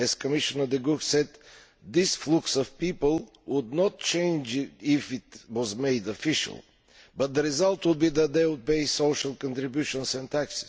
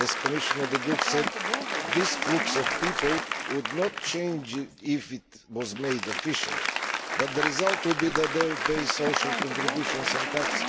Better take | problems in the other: first | background sound (Applause); 1 dB above the speech

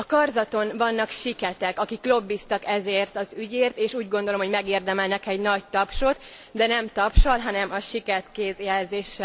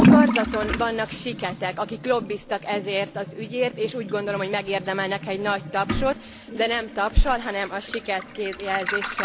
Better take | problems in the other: first | background sound (Toilet flush / Liquid); 1 dB below the speech

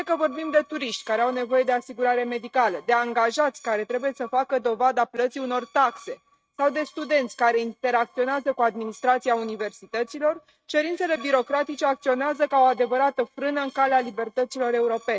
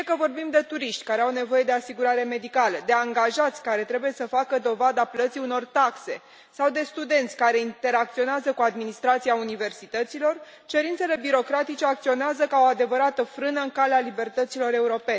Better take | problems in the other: second | noise reduction (neural mask model RNNoise)

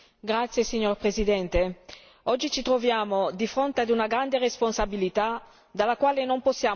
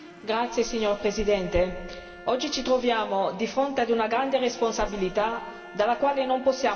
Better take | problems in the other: first | background sound (Bowed string instrument); 19 dB below the speech // room echo; dies away in 1.9 s

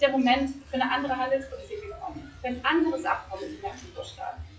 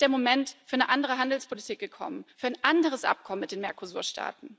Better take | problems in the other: second | noise reduction (classical method WPE with log-MMSE)

